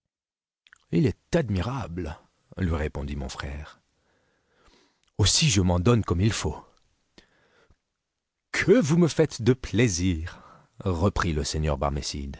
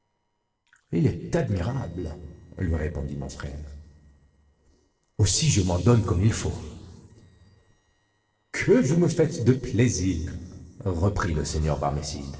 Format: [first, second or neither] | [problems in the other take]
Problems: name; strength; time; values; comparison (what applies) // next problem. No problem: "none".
first | noise reduction (neural separator model SepFormer DNS4)